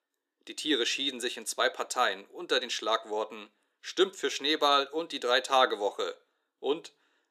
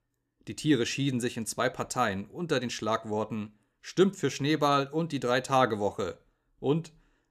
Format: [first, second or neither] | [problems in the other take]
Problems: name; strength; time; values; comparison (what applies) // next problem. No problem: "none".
second | thin; somewhat; fading below 350 Hz